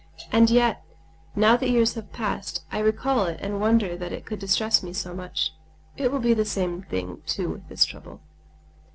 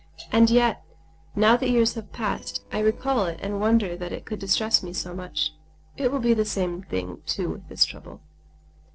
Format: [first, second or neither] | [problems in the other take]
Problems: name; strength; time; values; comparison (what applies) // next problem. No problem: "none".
first | noise reduction (neural separator model SepFormer DNS4)